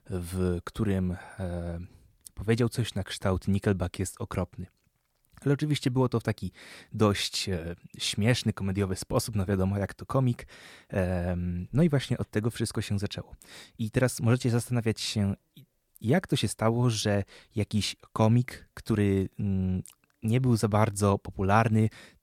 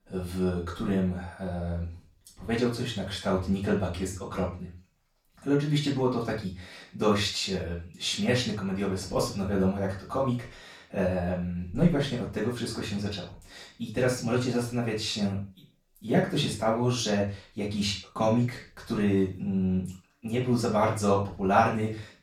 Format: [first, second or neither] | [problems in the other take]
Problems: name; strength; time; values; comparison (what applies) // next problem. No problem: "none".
first | room echo; noticeable; dies away in 0.3 s // off-mic speech; far